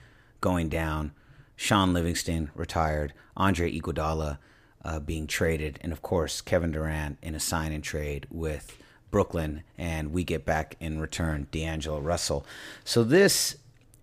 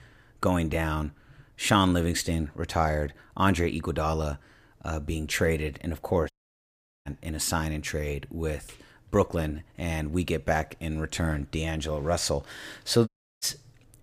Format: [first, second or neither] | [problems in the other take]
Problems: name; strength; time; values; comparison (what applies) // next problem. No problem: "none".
first | audio cutting out; at 6.5 s for 1 s and at 13 s